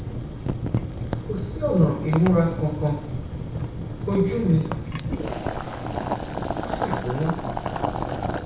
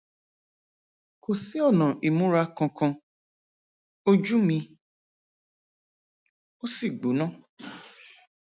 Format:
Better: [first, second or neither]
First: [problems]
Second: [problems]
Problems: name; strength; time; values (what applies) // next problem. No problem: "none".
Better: second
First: background sound (Boiling); 2 dB below the speech // room echo; dies away in 0.6 s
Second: none